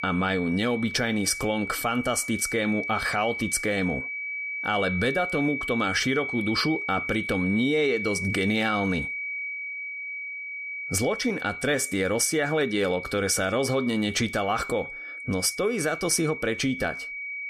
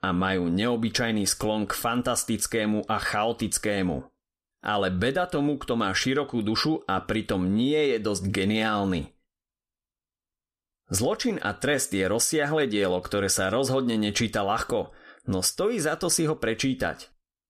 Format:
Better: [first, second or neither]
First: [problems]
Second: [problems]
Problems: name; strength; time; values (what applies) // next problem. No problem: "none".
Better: second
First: high-pitched whine; loud; throughout; 2.5 kHz, 6 dB below the speech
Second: none